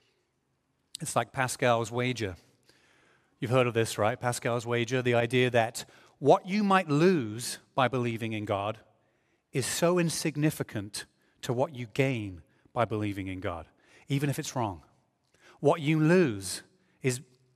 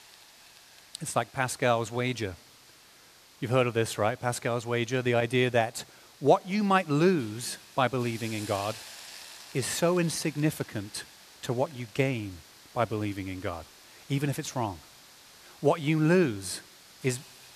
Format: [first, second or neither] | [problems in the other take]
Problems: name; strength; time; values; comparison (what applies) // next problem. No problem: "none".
first | hiss; noticeable; throughout; 20 dB below the speech